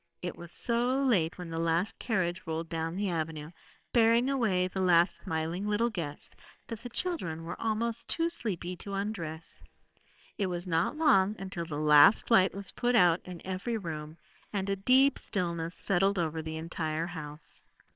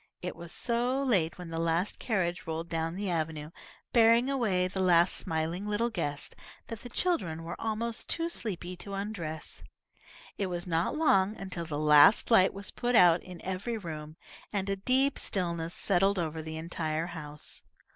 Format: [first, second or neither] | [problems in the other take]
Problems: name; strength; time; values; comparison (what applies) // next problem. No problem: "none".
second | noise reduction (neural separator model SepFormer WHAMR!)